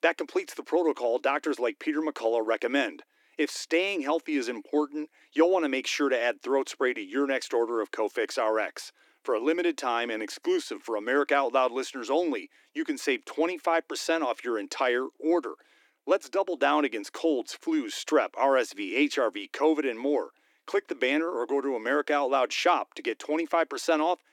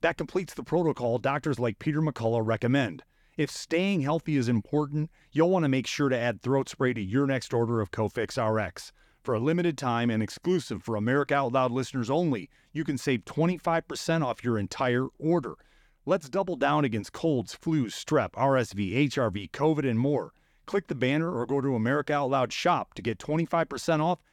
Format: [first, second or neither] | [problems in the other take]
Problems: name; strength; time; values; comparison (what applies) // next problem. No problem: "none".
second | thin; somewhat; fading below 300 Hz